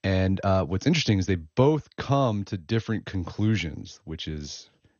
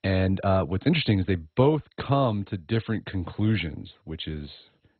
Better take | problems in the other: first | garbled, watery; badly; nothing above 4 kHz; slightly in the first

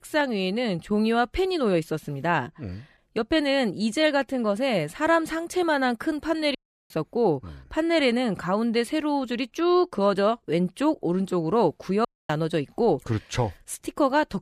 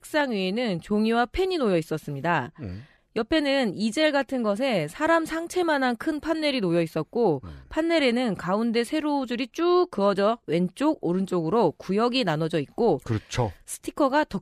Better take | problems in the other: second | audio cutting out; at 6.5 s and at 12 s

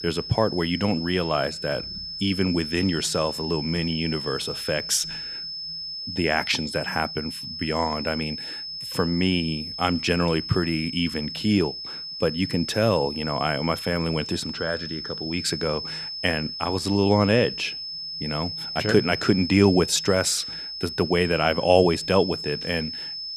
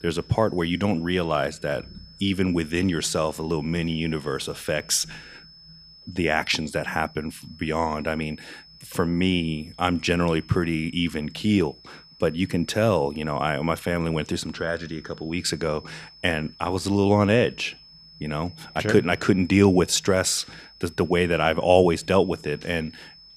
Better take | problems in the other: second | high-pitched whine; loud; throughout; 5 kHz, 7 dB below the speech; faint in the second

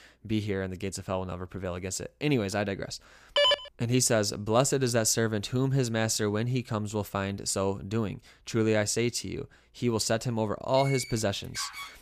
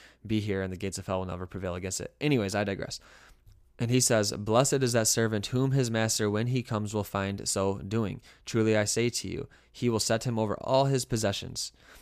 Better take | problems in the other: second | phone ringing; loud; at 3.5 s; peak 6 dB above the speech // door banging; noticeable; from 11 s on; peak 9 dB below the speech

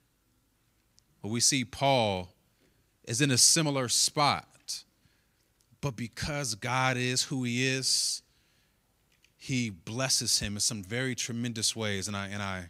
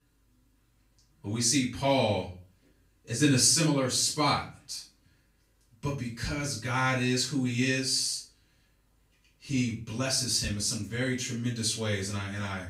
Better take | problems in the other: first | off-mic speech; far // room echo; slight; dies away in 0.3 s

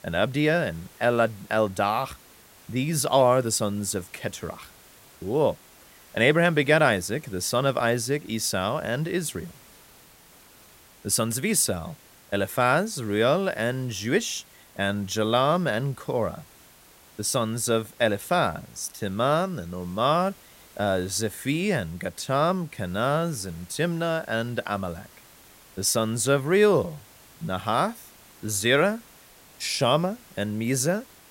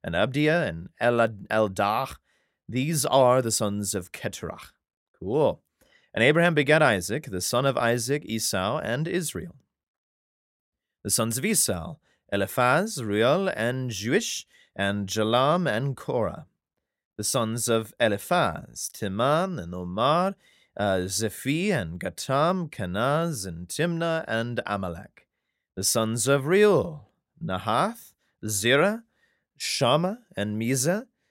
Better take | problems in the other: second | hiss; faint; throughout; 25 dB below the speech

